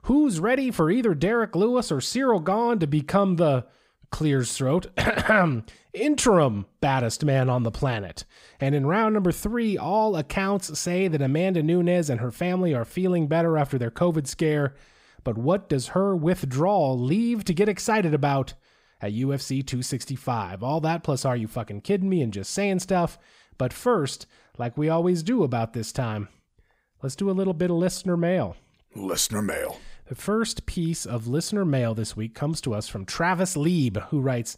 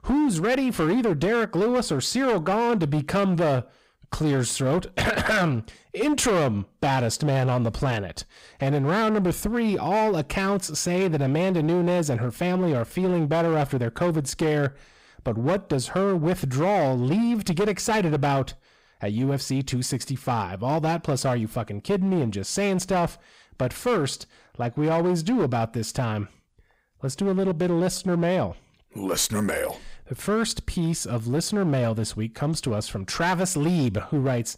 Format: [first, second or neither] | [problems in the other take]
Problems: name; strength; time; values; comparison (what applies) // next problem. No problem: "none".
first | distortion; slight; 14% of the sound clipped